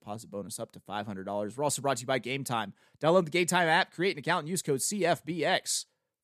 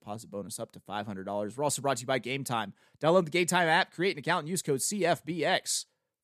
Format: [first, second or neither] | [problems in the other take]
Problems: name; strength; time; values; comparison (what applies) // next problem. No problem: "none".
neither | none